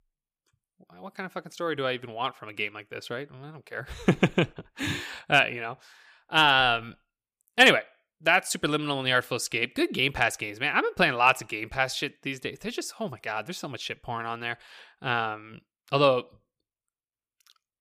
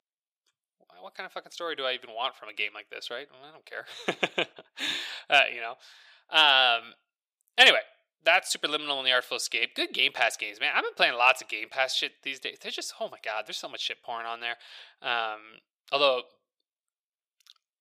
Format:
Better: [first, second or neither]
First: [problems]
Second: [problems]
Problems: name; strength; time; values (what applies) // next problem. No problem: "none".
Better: first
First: none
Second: thin; somewhat; fading below 400 Hz